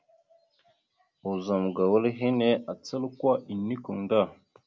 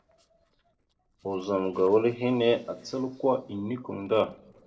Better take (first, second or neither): first